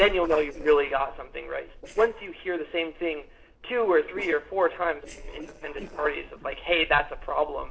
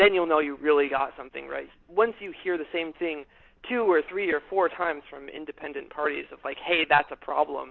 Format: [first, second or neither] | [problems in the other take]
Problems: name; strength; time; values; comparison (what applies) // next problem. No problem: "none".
second | noise reduction (neural separator model SepFormer DNS4)